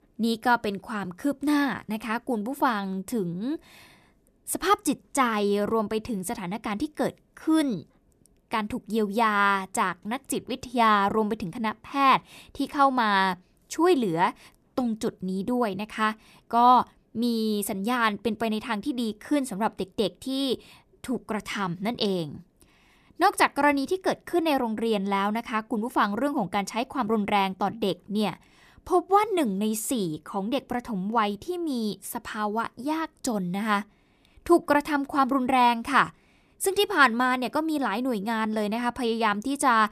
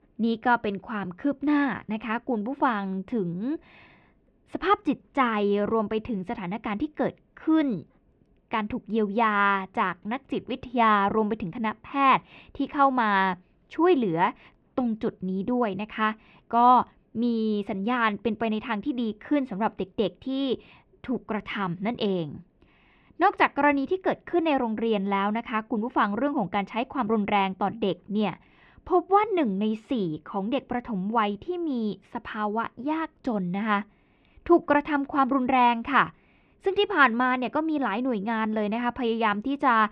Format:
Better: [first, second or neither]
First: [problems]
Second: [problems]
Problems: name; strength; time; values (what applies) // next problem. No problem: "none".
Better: first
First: none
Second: muffled; very; fading above 3 kHz